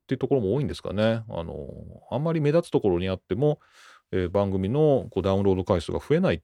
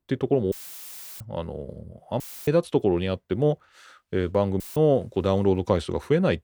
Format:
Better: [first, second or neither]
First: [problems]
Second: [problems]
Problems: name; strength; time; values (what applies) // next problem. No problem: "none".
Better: first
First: none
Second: audio cutting out; filled with static; at 0.5 s for 0.5 s, at 2 s and at 4.5 s